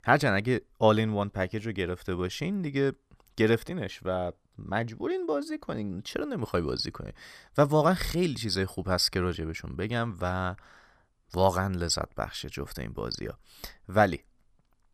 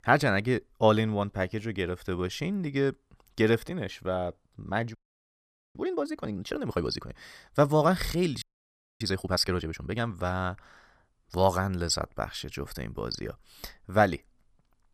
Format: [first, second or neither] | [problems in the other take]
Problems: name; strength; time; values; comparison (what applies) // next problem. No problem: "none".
first | audio freezing; at 5 s for 1 s and at 8.5 s for 0.5 s